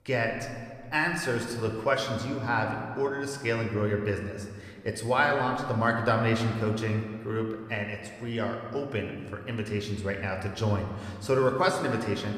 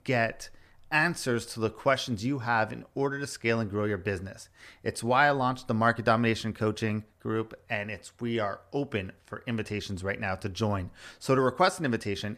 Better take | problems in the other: second | room echo; slight; dies away in 1.5 s

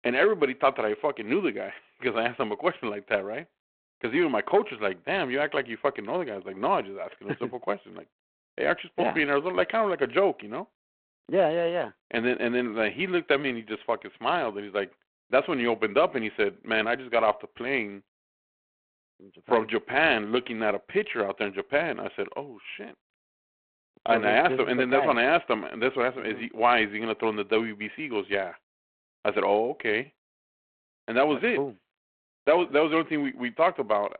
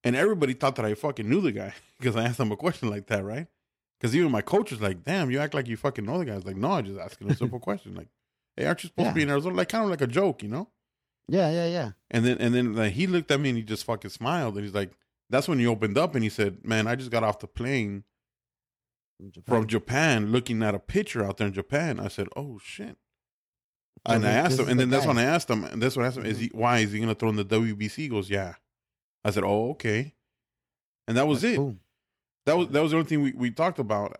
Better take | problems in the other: second | phone-call audio

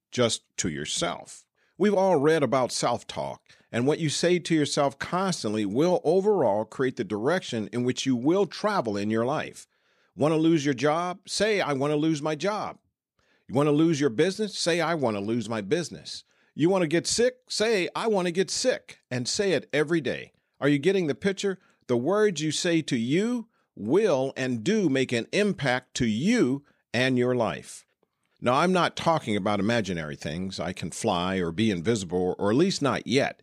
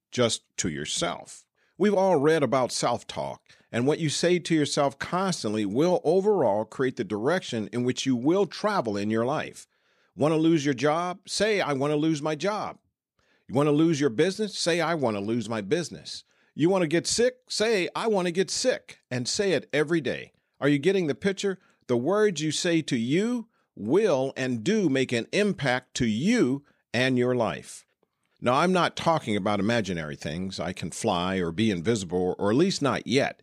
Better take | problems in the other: neither | none

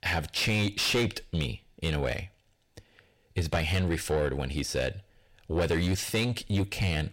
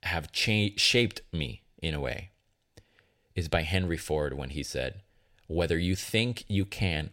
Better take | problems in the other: second | distortion; heavy; 7 dB below the speech

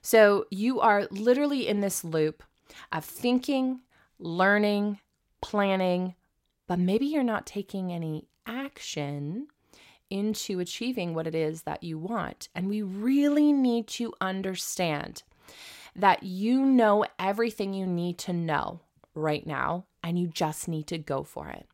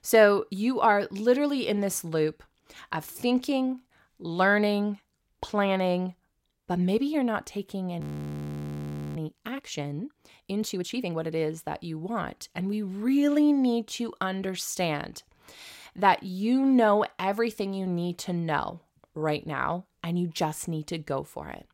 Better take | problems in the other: first | audio freezing; at 8 s for 1 s

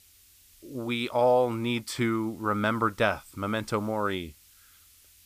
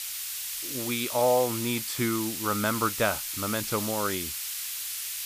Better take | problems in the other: first | hiss; loud; throughout; 3 dB below the speech; faint in the first

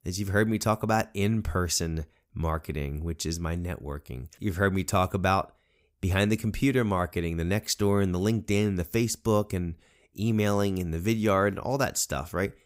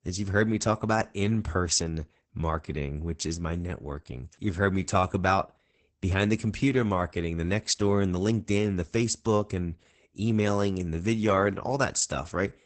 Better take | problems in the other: first | garbled, watery; badly; nothing above 8 kHz

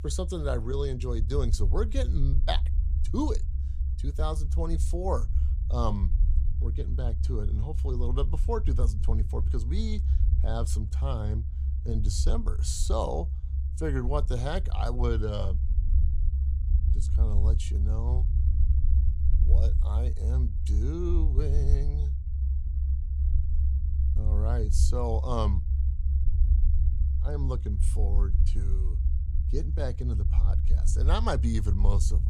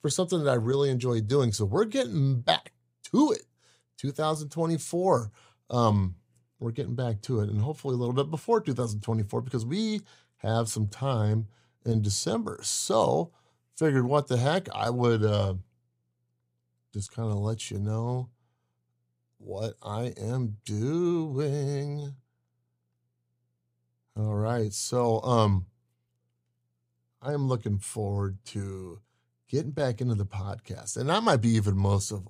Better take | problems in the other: second | low rumble; noticeable; throughout; 10 dB below the speech

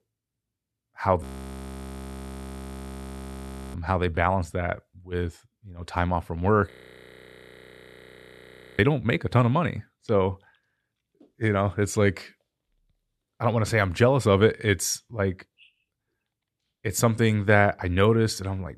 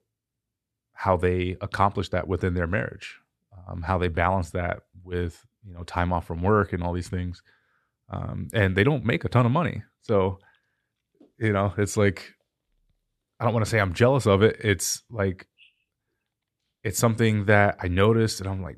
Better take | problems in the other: second | audio freezing; at 1 s for 2.5 s and at 6.5 s for 2 s

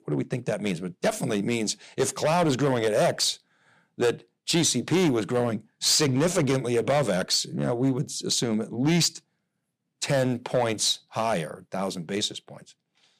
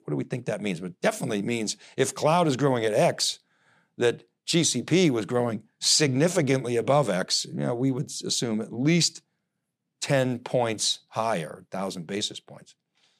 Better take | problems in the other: second | distortion; slight; 5% of the sound clipped

